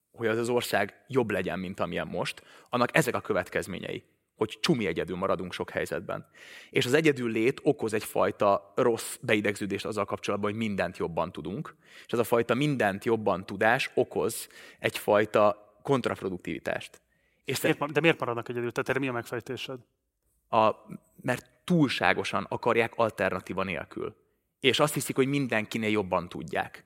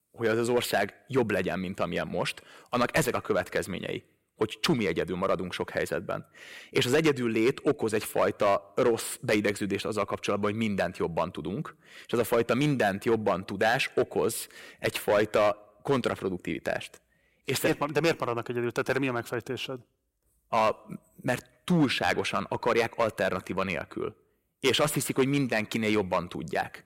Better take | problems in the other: first | distortion; slight; 3% of the sound clipped

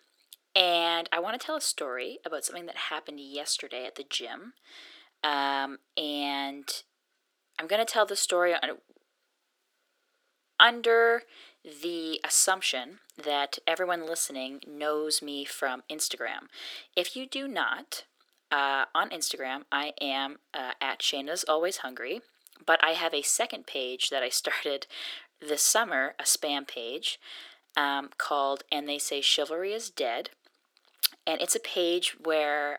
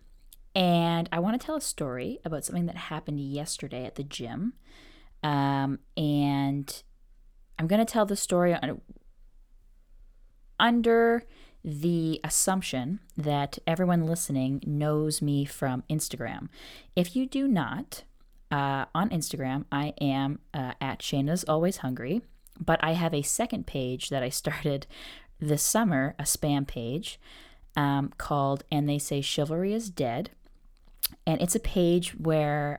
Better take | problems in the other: second | thin; very; fading below 350 Hz

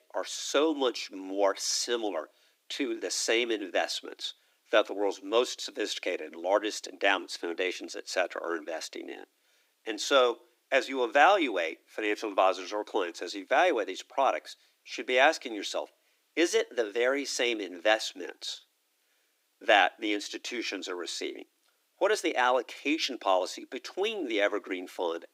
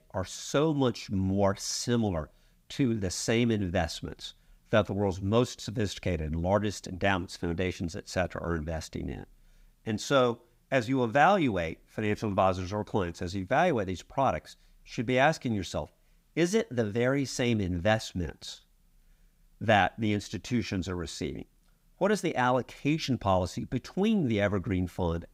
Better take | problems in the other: second | thin; somewhat; fading below 300 Hz

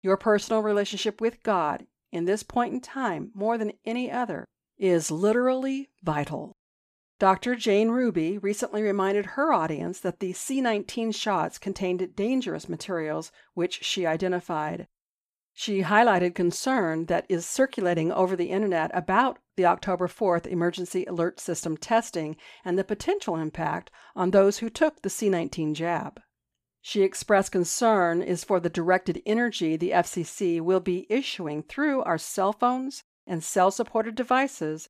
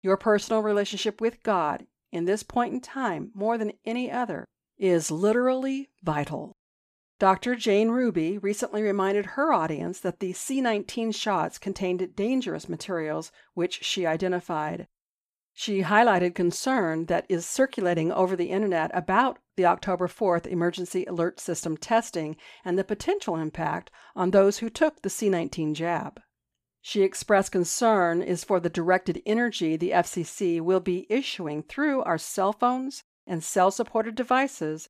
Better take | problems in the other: neither | none

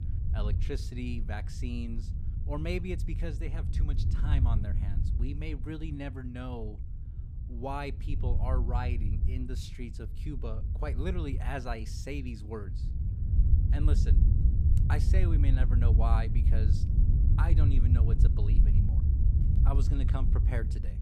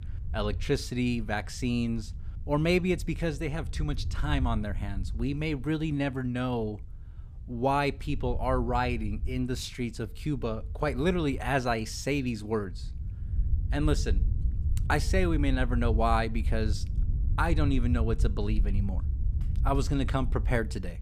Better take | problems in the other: second | wind noise on the microphone; heavy; 4 dB below the speech; occasional gusts in the second

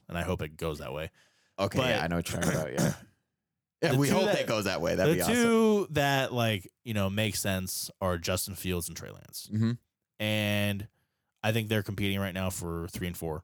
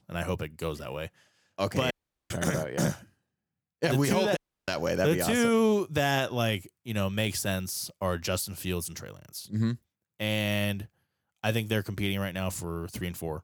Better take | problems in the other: first | audio cutting out; at 2 s and at 4.5 s

